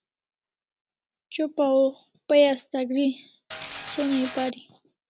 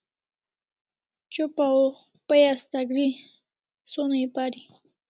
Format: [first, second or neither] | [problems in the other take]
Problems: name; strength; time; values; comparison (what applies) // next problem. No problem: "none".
second | background sound (Mechanisms); 12 dB below the speech